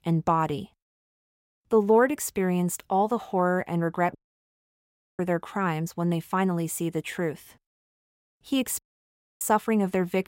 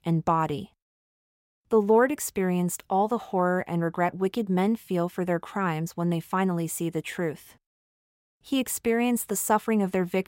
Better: second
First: audio cutting out; at 4 s for 1 s and at 9 s for 0.5 s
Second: none

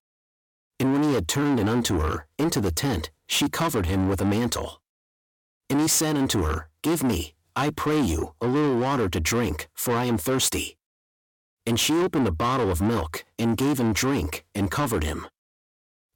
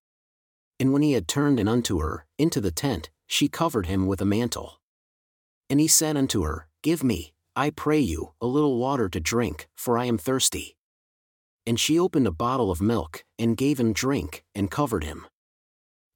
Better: second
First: distortion; heavy; 7 dB below the speech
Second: none

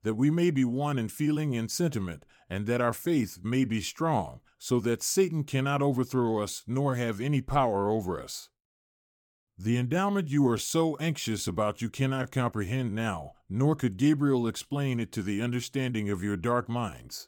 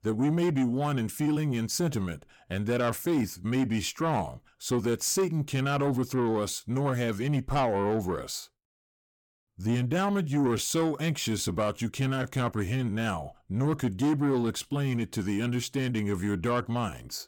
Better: first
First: none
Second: distortion; slight; 10 dB below the speech

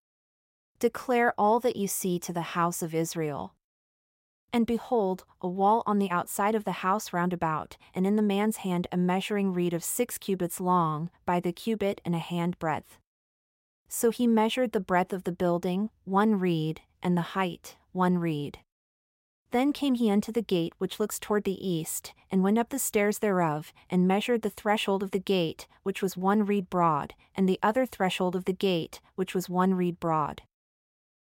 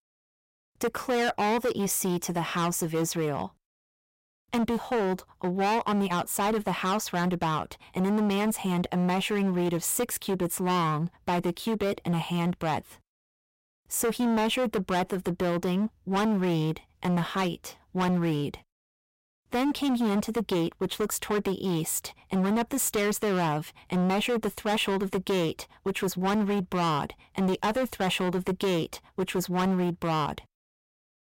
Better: first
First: none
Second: distortion; heavy; 20% of the sound clipped

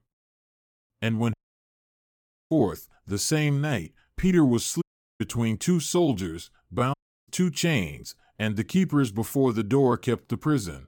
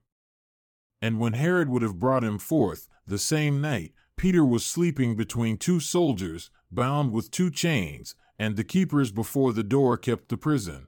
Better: second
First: audio cutting out; at 1.5 s for 1 s, at 5 s and at 7 s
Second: none

